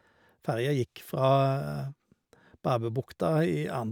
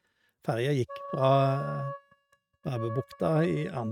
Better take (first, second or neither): first